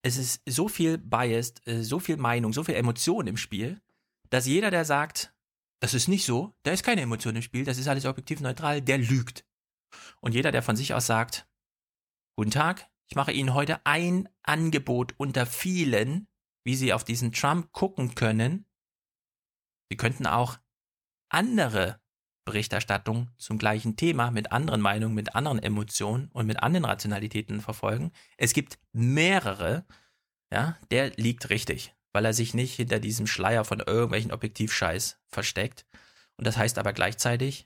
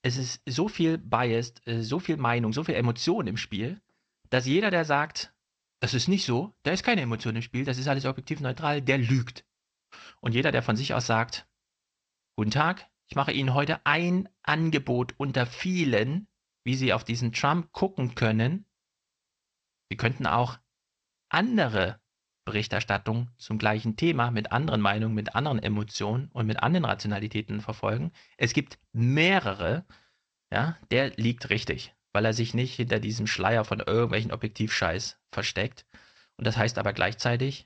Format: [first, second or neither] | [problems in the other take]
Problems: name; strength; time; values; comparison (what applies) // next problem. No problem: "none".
first | garbled, watery; slightly